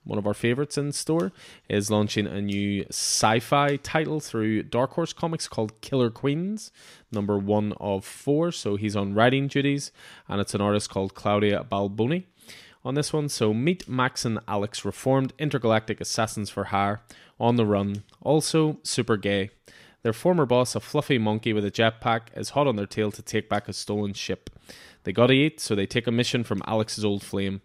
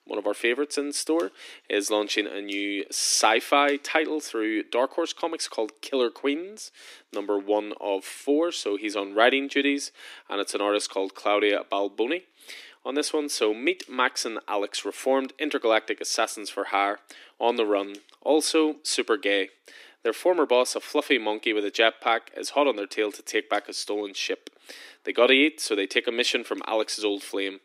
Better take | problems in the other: first | thin; somewhat; fading below 300 Hz

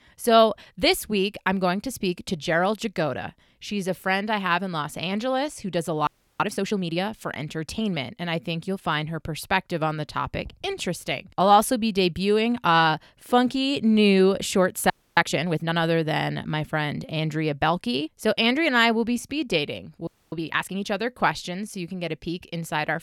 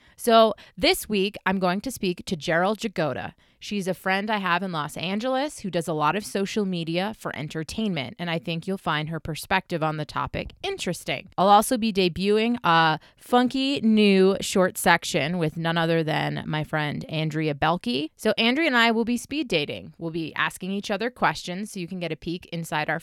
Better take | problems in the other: second | audio freezing; at 6 s, at 15 s and at 20 s

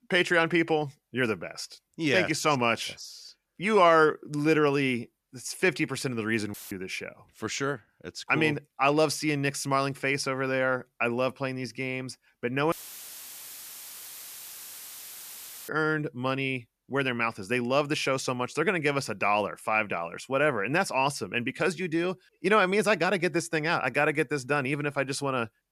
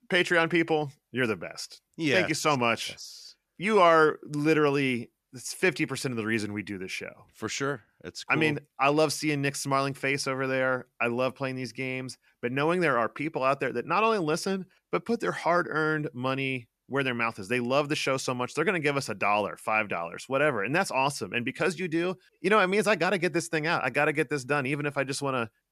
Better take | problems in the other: second | audio cutting out; filled with static; at 6.5 s and at 13 s for 3 s

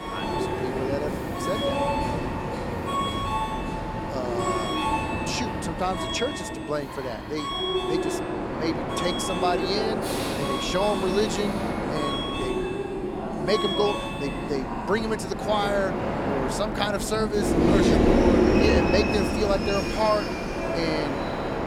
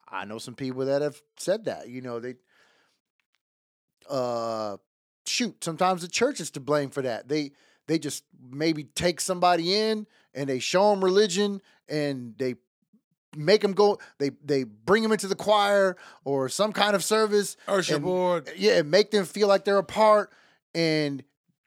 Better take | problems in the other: second | train or aircraft noise; very loud; throughout; 2 dB above the speech

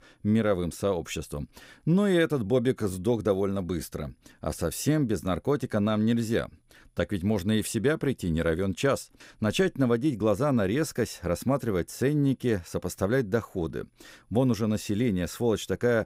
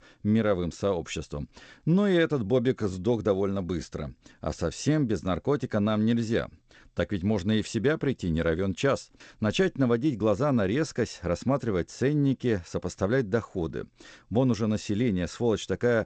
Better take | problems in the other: first | garbled, watery; slightly; nothing above 8 kHz

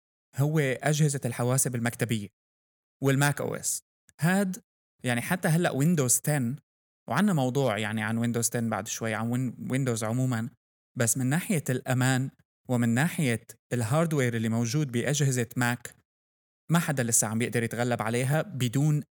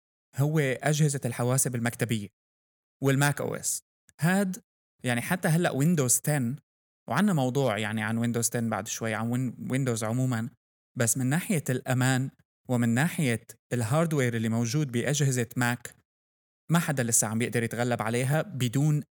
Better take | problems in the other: neither | none

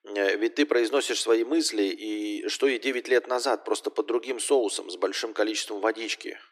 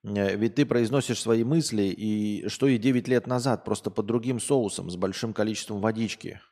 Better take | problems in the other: second | thin; somewhat; fading below 300 Hz

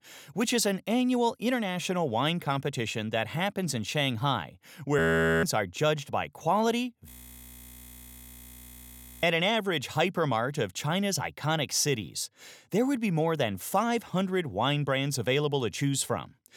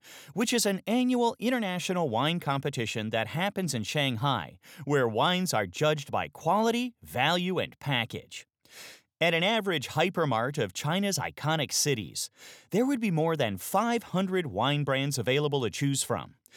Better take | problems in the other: second | audio freezing; at 5 s and at 7 s for 2 s

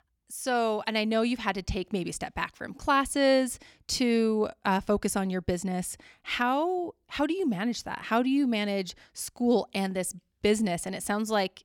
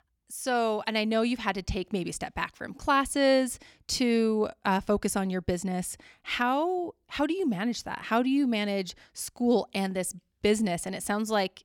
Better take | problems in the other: neither | none

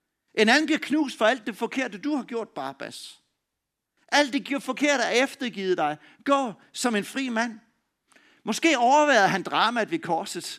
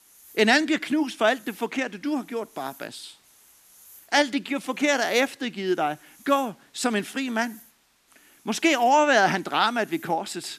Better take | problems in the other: first | hiss; faint; throughout; 30 dB below the speech

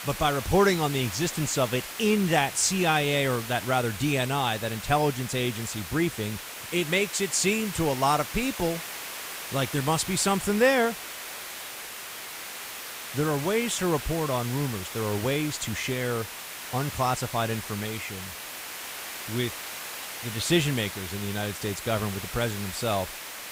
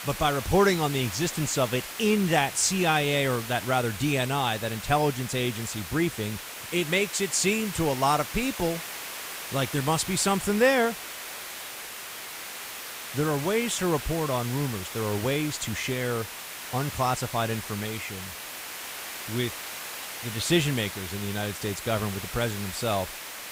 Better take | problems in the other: neither | hiss; loud; throughout; 9 dB below the speech; the same in both

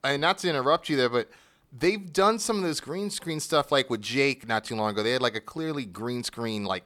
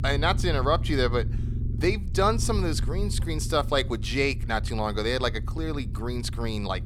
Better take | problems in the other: first | low rumble; noticeable; throughout; 15 dB below the speech

